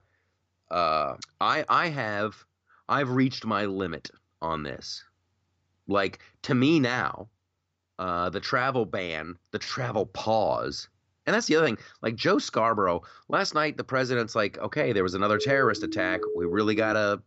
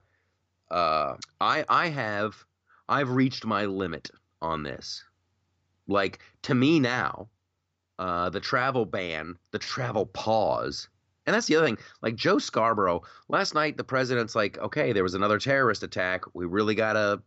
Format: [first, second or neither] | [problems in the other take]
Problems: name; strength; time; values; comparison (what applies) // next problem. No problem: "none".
second | siren; noticeable; from 15 s on; peak 4 dB below the speech